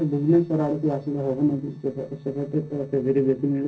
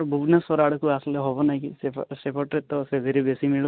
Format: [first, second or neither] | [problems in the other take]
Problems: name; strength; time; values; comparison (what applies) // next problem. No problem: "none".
second | noise reduction (neural separator model SepFormer DNS4)